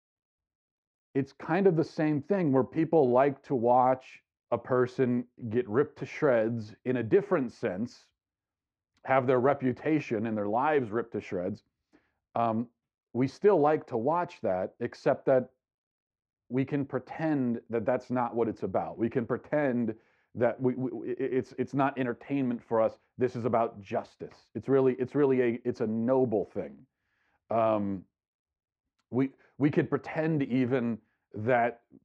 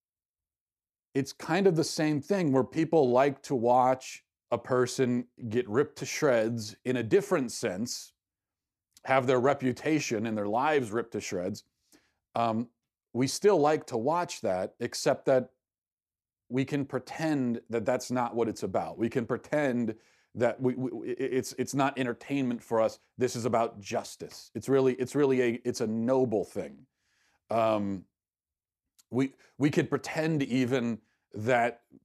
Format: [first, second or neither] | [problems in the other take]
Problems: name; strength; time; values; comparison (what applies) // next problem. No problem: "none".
second | muffled; very; fading above 2 kHz